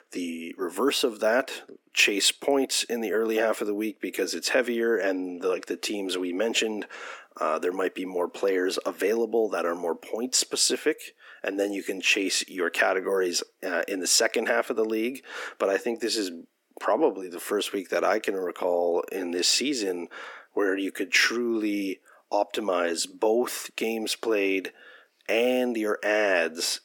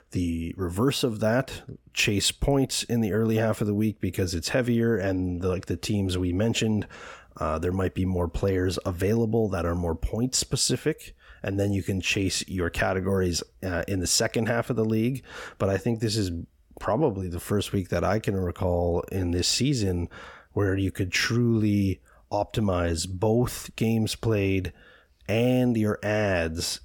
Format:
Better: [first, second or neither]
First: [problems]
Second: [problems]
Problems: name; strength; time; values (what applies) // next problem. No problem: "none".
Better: second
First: thin; somewhat; fading below 300 Hz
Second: none